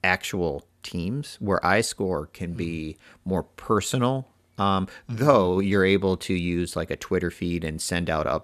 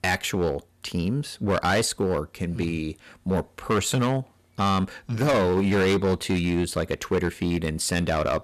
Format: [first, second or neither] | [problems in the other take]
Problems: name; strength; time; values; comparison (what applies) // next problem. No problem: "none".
first | distortion; heavy; 9% of the sound clipped